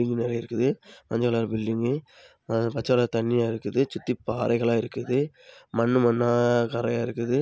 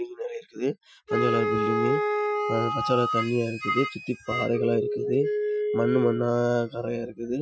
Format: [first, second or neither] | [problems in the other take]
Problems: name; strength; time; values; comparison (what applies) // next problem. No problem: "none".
first | noise reduction (classical method Wiener filter)